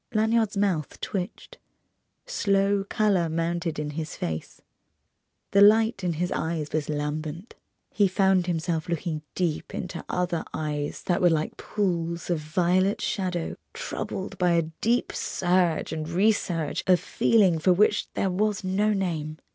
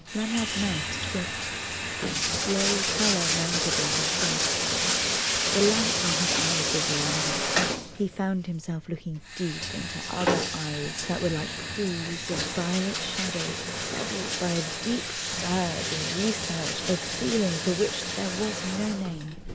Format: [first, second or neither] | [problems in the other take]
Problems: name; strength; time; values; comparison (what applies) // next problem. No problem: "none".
first | background sound (Bathtub (filling or washing)); 2 dB above the speech